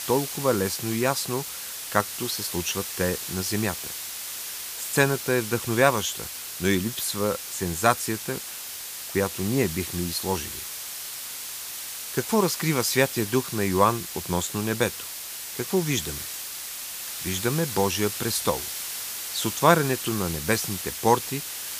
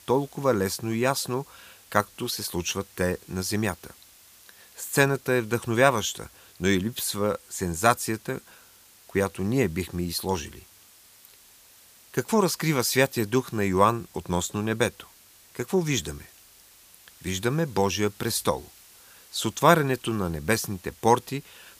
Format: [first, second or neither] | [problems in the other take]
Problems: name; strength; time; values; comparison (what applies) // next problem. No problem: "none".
second | hiss; loud; throughout; 6 dB below the speech; faint in the second